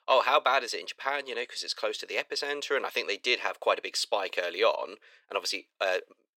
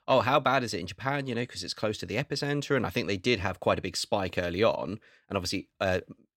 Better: second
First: thin; very; fading below 450 Hz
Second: none

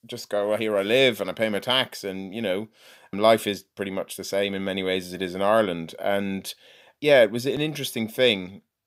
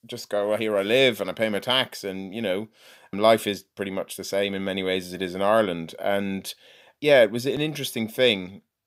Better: neither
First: none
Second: none

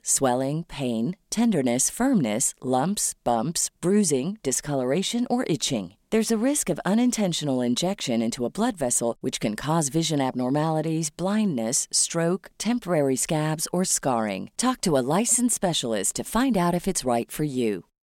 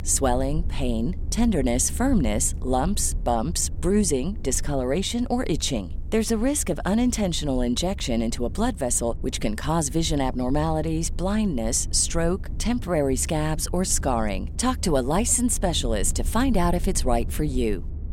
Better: first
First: none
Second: low rumble; faint; throughout; 20 dB below the speech

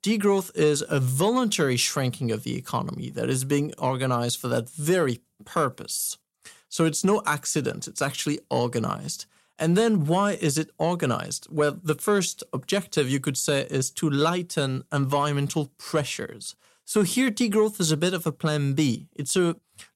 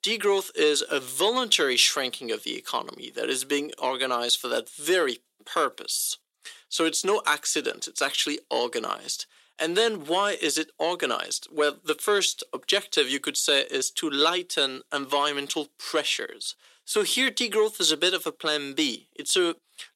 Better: first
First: none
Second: thin; somewhat; fading below 350 Hz

